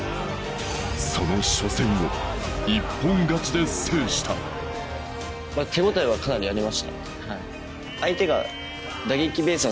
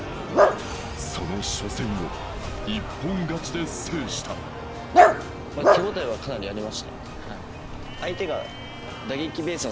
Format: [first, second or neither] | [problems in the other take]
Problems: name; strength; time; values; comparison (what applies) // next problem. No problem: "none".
first | background sound (Dog); 4 dB above the speech